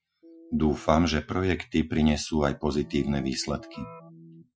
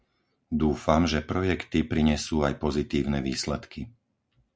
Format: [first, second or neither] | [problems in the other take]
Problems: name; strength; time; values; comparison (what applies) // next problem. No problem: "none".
second | noise reduction (classical method Wiener filter)